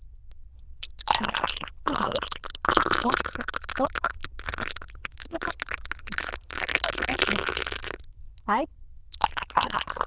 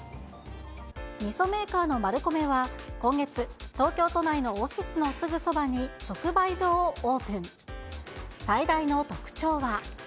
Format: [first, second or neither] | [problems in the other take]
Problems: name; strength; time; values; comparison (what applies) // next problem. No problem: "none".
second | noise reduction (neural diffusion model UNIVERSE++)